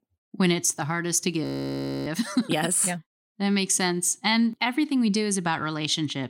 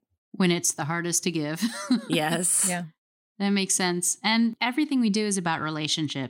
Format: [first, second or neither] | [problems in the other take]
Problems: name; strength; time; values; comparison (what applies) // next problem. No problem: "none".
second | audio freezing; at 1.5 s for 0.5 s